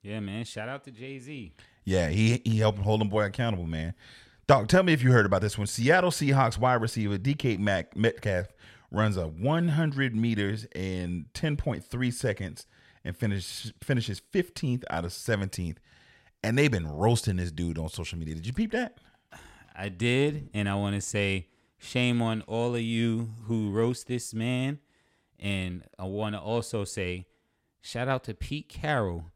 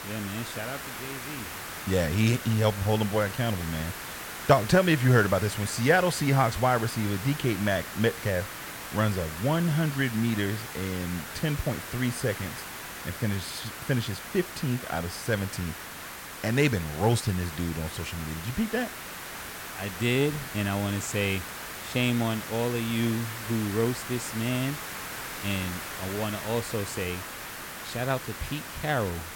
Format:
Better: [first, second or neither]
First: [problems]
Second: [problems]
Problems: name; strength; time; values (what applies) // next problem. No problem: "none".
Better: first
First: none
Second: hiss; loud; throughout; 9 dB below the speech